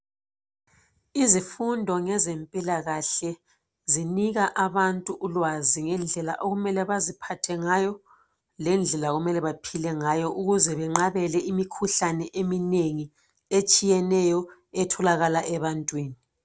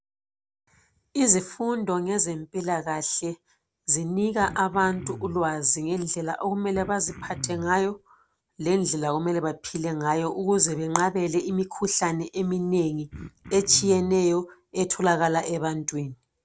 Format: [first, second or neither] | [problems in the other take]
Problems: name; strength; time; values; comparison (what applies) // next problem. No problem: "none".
first | background sound (Cough); 16 dB below the speech